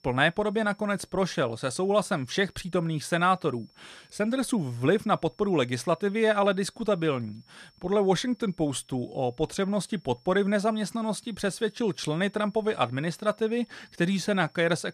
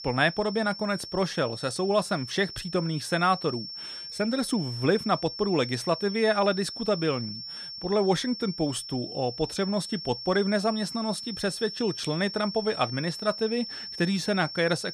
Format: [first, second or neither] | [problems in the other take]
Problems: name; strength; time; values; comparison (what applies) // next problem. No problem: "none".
first | high-pitched whine; loud; throughout; 5.5 kHz, 9 dB below the speech; faint in the first